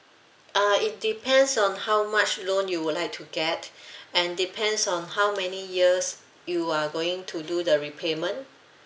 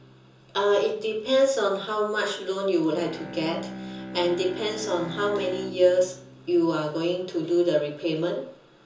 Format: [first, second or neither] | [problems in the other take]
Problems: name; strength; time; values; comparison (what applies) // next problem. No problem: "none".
first | background sound (Bowed string instrument); 15 dB below the speech // room echo; dies away in 0.6 s